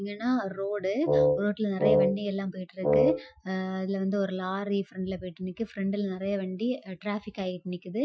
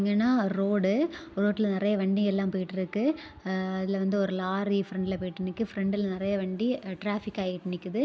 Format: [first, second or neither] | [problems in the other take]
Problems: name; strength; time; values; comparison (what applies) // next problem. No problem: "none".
second | noise reduction (classical method Wiener filter)